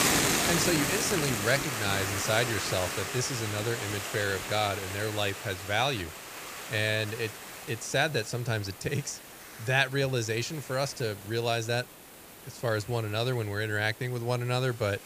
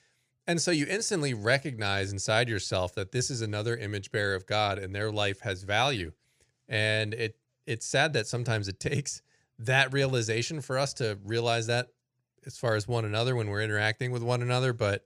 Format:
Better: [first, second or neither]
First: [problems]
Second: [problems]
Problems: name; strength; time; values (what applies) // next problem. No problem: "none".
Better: second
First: hiss; loud; throughout; 2 dB below the speech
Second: none